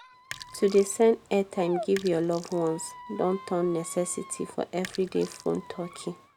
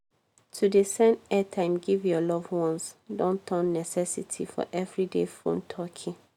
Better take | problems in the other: second | background sound (Sink (filling or washing) + Squeak); 16 dB below the speech

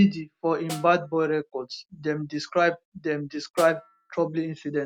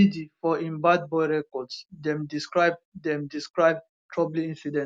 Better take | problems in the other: second | background sound (Snare drum); 17 dB below the speech

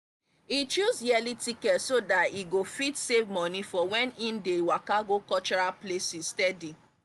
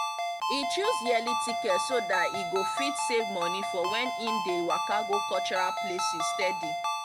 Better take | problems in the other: first | background sound (Ringtone); 1 dB above the speech

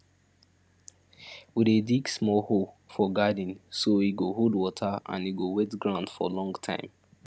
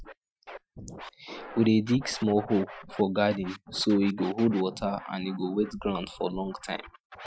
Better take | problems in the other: first | noise reduction (classical method Wiener filter)

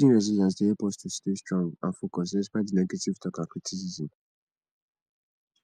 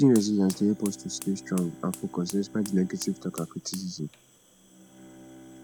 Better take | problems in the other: first | background sound (Fire + Bowed string instrument); 17 dB below the speech

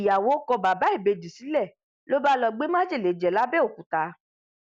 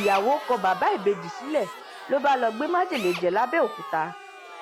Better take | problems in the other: first | background sound (Drill + Crowd); 12 dB below the speech

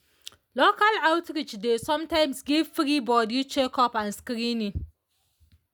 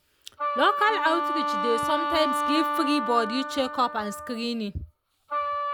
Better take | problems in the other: first | background sound (Wind instrument, woodwind instrument); 2 dB below the speech

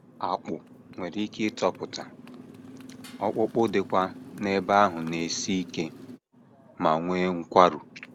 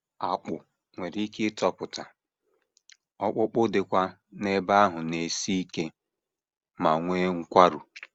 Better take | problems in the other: second | background sound (Motorcycle); 18 dB below the speech

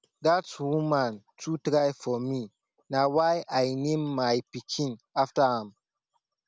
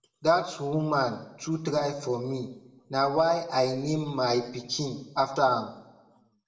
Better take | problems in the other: first | room echo; dies away in 0.7 s

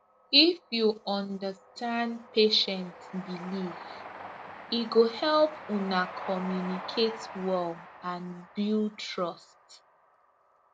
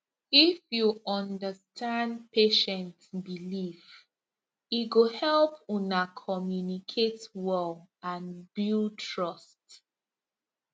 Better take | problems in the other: second | background sound (Train); 15 dB below the speech

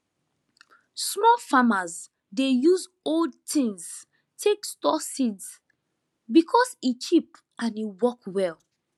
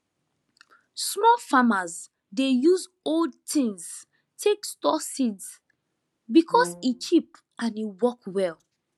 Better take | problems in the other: first | background sound (Brass instrument); 14 dB below the speech

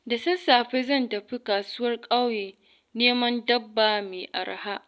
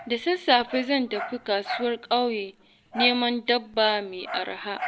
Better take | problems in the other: first | background sound (Dog); 11 dB below the speech

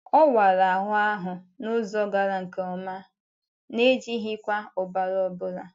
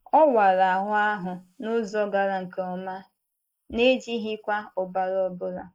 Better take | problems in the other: first | noise reduction (neural mask model Resemble Enhance denoiser)

